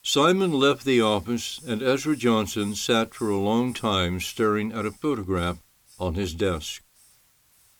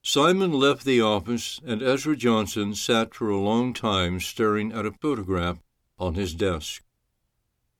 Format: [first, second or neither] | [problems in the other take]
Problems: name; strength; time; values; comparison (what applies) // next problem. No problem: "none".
second | hiss; faint; throughout; 25 dB below the speech